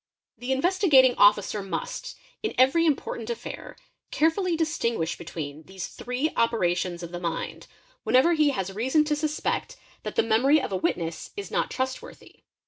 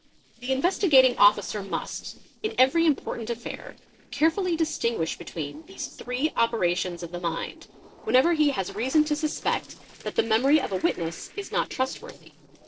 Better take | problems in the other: first | noise reduction (neural separator model SepFormer DNS4)

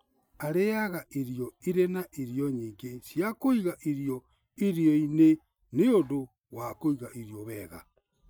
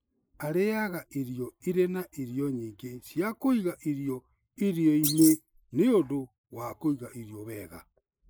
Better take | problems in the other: first | noise reduction (neural mask model Resemble Enhance denoiser)

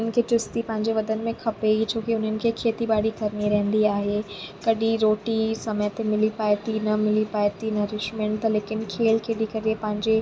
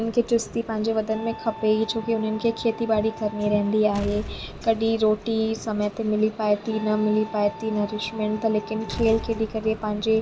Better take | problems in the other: first | background sound (Explosion + Wind instrument, woodwind instrument); 16 dB below the speech

